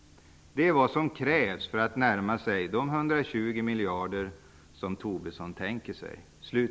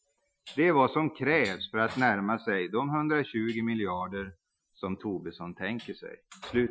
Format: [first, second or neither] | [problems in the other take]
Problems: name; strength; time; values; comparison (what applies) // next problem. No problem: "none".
first | noise reduction (classical method Wiener filter)